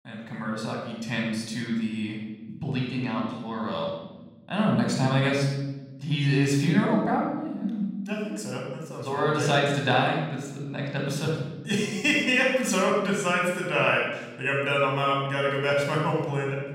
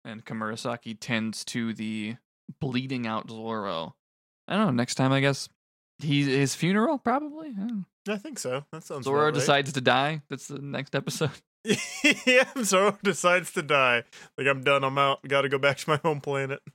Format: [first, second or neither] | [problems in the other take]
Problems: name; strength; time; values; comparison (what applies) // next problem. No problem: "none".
second | off-mic speech; somewhat distant // room echo; noticeable; dies away in 1.2 s